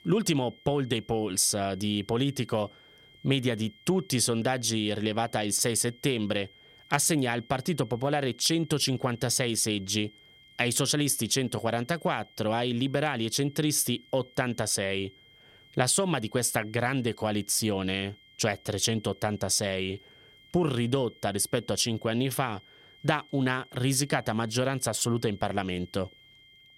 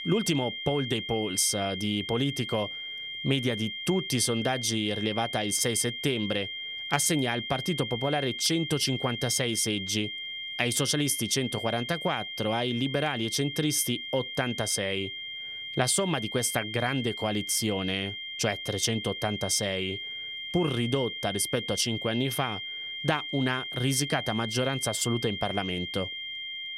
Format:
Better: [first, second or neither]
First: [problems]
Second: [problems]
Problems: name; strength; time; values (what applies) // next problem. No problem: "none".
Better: first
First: high-pitched whine; faint; throughout; 3 kHz, 25 dB below the speech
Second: high-pitched whine; loud; throughout; 3 kHz, 6 dB below the speech